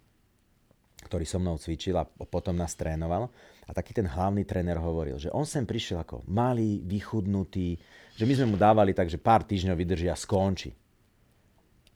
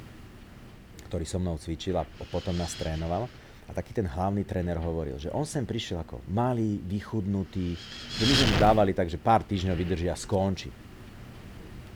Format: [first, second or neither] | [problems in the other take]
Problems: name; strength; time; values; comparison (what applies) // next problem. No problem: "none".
first | wind noise on the microphone; heavy; as loud as the speech; occasional gusts in the first